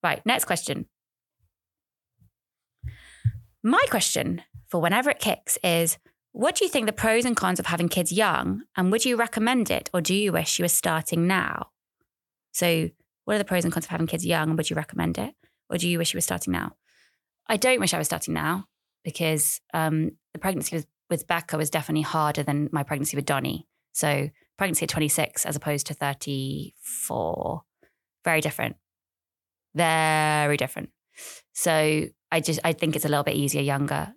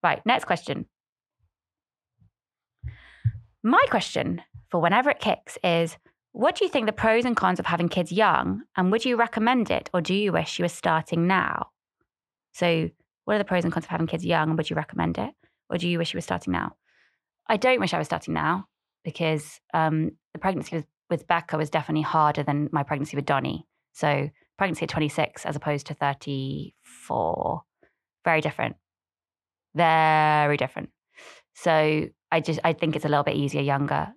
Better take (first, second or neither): first